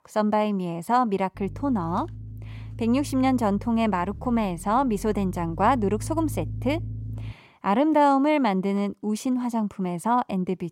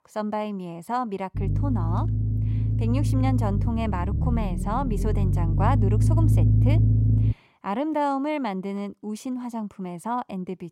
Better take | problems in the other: first | low rumble; loud; from 1.5 to 7.5 s; 6 dB below the speech; faint in the first

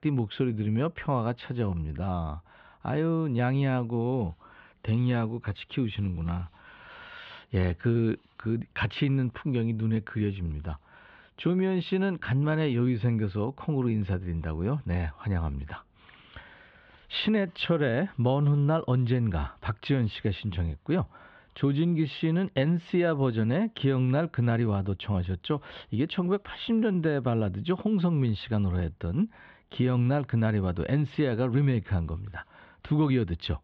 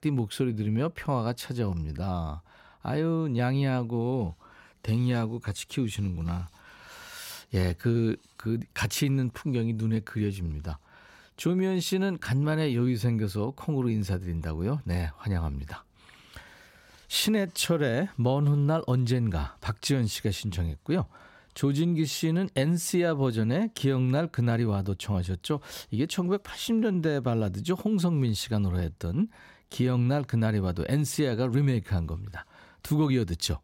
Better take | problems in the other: second | muffled; very; fading above 3.5 kHz

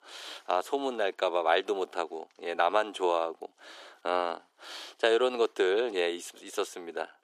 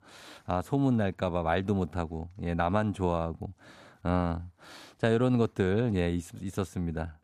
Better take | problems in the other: second | thin; very; fading below 350 Hz

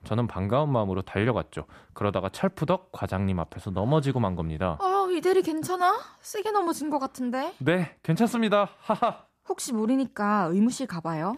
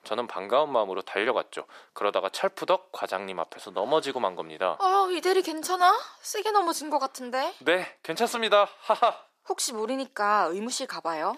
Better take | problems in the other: first | thin; very; fading below 400 Hz

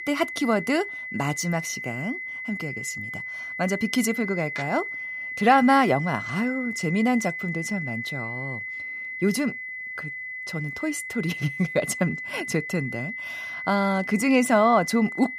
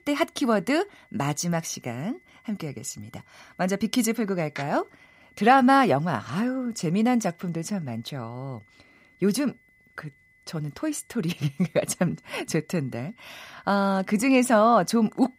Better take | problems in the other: second | high-pitched whine; loud; throughout; 2 kHz, 7 dB below the speech; faint in the second

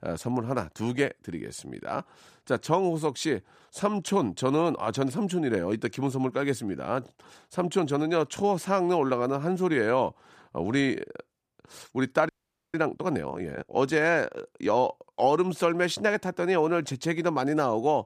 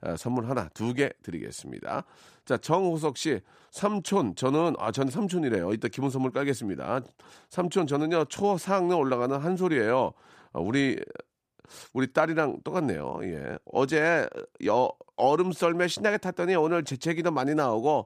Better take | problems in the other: second | audio freezing; at 12 s

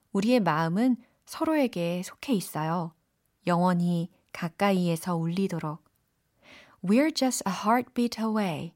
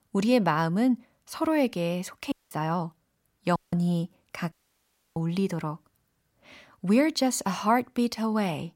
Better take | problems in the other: first | audio cutting out; at 2.5 s, at 3.5 s and at 4.5 s for 0.5 s

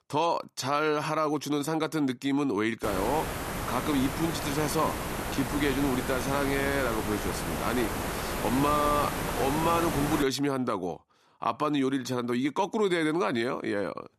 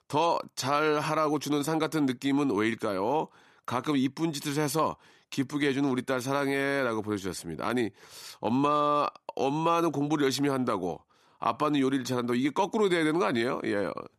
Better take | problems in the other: second | hiss; loud; from 3 to 10 s; 4 dB below the speech

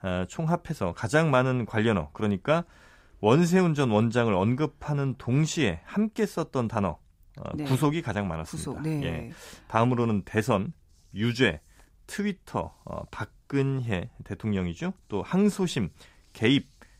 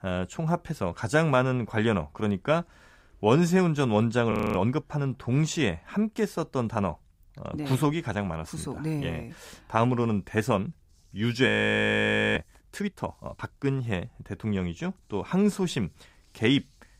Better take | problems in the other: first | audio freezing; at 4.5 s and at 11 s for 1 s

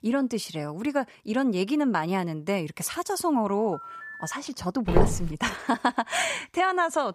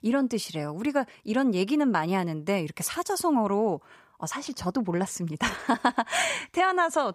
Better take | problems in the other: second | phone ringing; faint; from 3.5 to 4.5 s; peak 10 dB below the speech // footsteps; loud; at 5 s; peak 2 dB above the speech

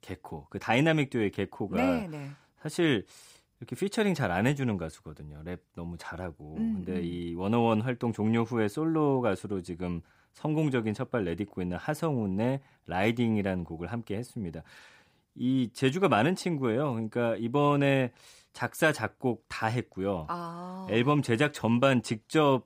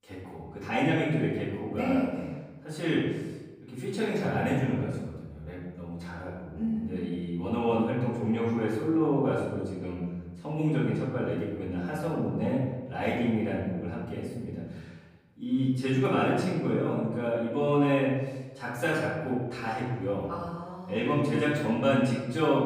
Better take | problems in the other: first | room echo; noticeable; dies away in 1.2 s // off-mic speech; far

